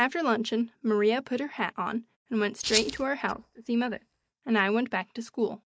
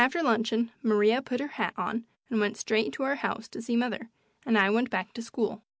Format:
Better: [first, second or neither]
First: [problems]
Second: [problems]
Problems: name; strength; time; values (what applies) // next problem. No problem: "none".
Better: second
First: noise reduction (neural mask model DeepFilterNet 3)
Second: none